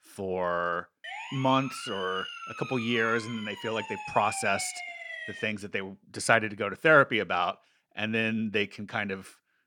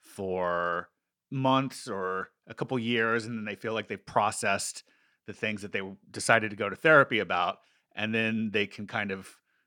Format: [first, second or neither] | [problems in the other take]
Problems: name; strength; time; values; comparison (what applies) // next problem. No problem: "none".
second | siren; noticeable; from 1 to 5.5 s; peak 7 dB below the speech